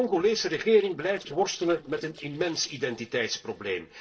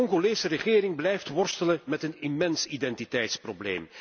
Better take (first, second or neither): second